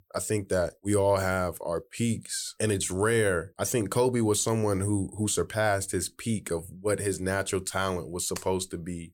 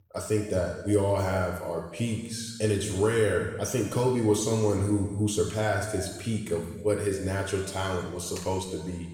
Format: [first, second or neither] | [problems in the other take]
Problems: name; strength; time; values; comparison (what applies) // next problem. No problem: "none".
first | room echo; noticeable; dies away in 1.1 s // off-mic speech; somewhat distant